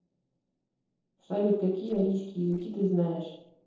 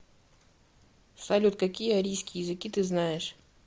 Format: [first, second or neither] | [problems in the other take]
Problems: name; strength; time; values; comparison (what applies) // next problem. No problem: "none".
second | noise reduction (neural separator model SepFormer DNS4)